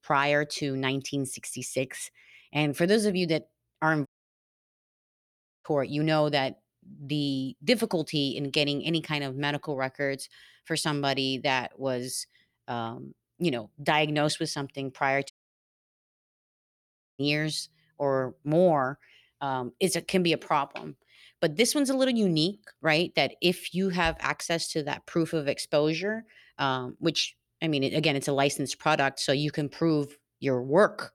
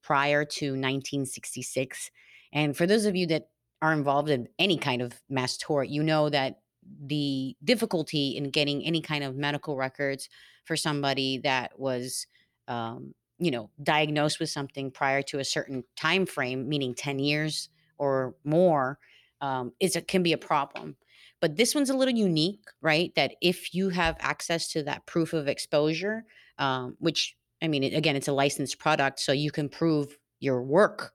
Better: second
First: audio cutting out; at 4 s for 1.5 s and at 15 s for 2 s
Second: none

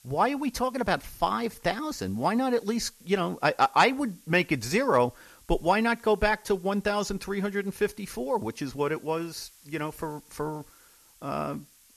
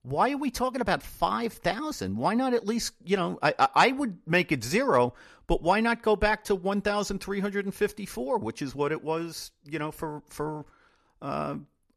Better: second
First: hiss; faint; throughout; 25 dB below the speech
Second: none

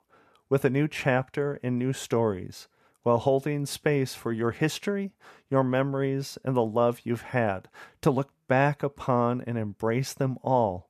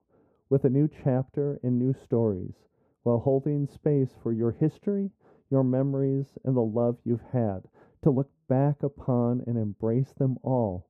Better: first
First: none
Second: muffled; very; fading above 1 kHz

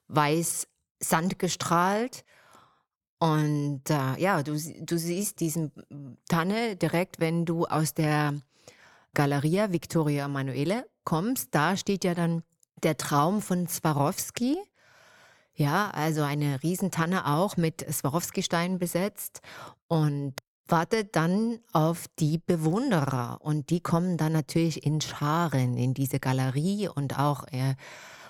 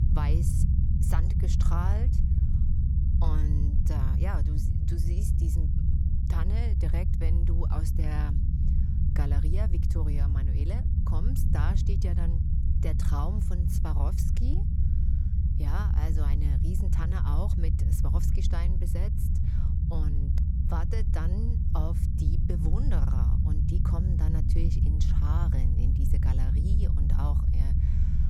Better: first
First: none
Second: low rumble; loud; throughout; as loud as the speech

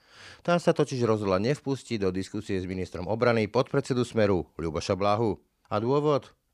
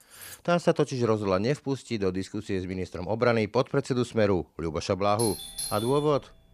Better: first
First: none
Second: clattering dishes; faint; at the start; peak 15 dB below the speech // doorbell; noticeable; from 5 s on; peak 6 dB below the speech

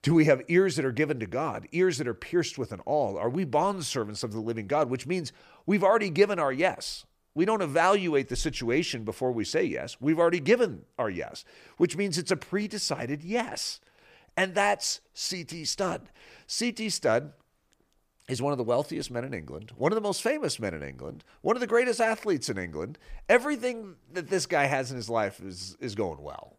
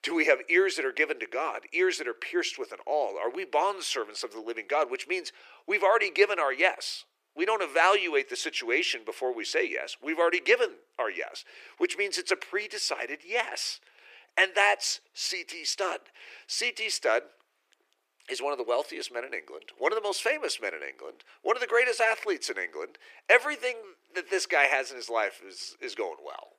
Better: first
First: none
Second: thin; very; fading below 350 Hz

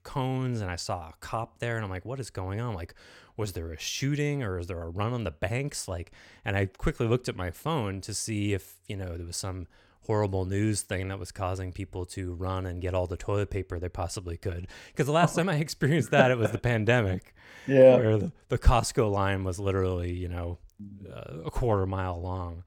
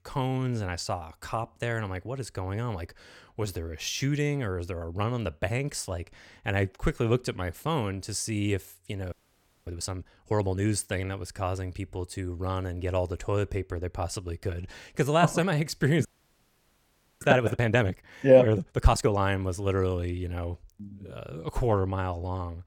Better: first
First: none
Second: audio freezing; at 9 s for 0.5 s and at 16 s for 1 s

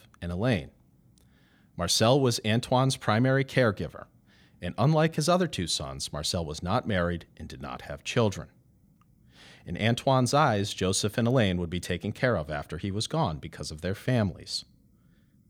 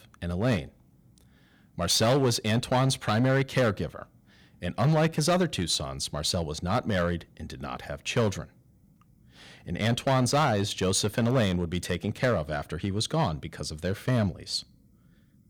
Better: first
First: none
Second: distortion; slight; 5% of the sound clipped

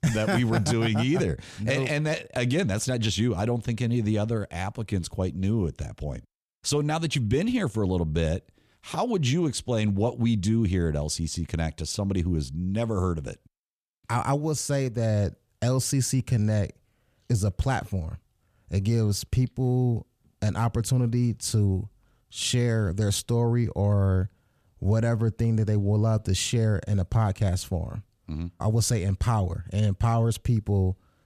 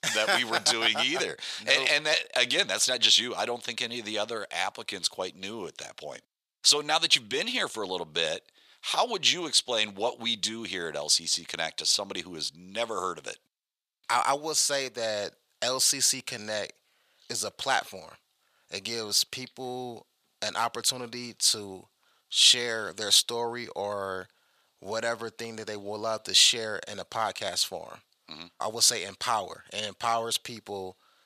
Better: first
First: none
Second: thin; very; fading below 700 Hz

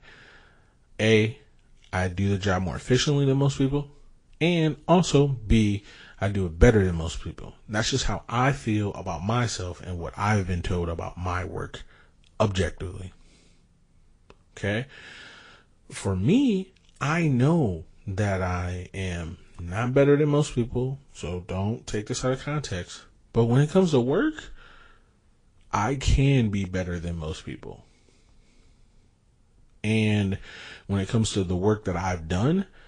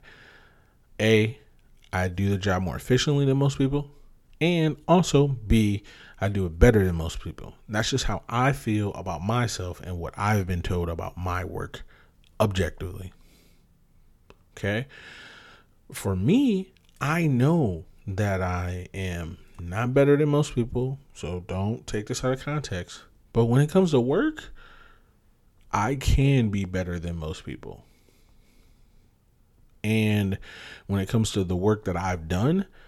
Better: second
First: garbled, watery; slightly; nothing above 8 kHz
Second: none

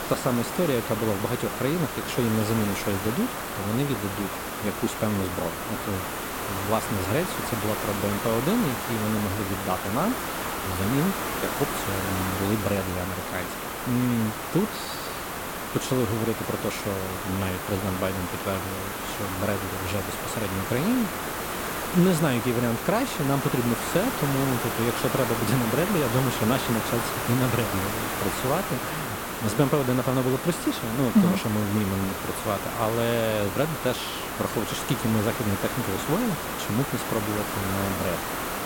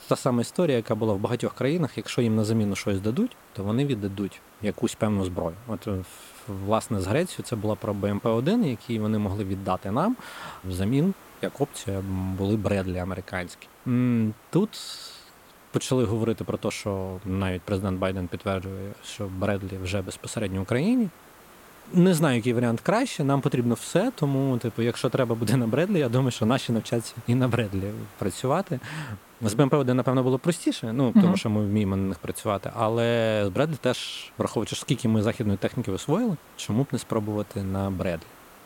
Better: second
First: hiss; loud; throughout; 2 dB below the speech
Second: hiss; faint; throughout; 25 dB below the speech

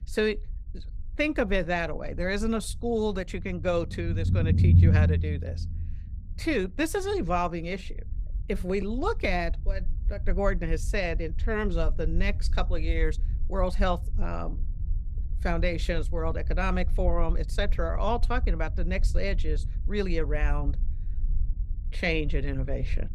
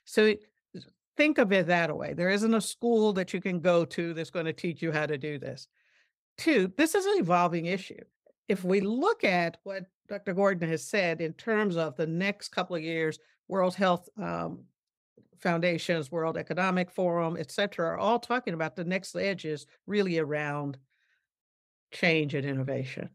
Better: second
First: low rumble; noticeable; throughout; 15 dB below the speech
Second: none

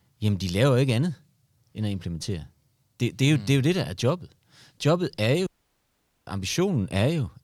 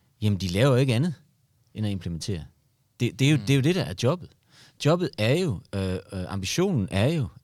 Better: second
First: audio cutting out; at 5.5 s for 1 s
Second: none

